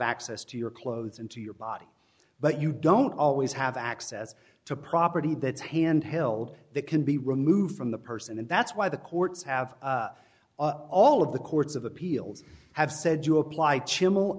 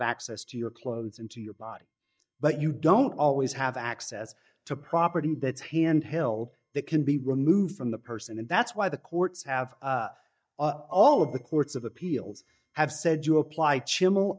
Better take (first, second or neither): first